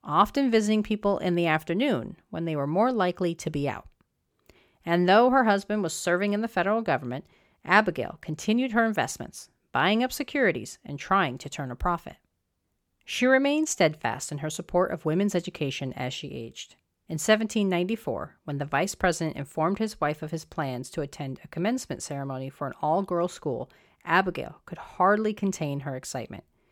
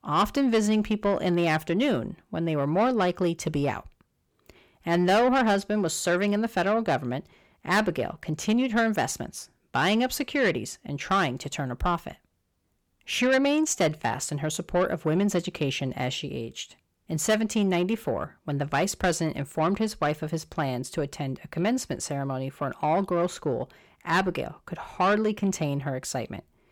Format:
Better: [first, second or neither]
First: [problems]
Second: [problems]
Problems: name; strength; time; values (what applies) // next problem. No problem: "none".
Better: first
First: none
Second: distortion; slight; 10 dB below the speech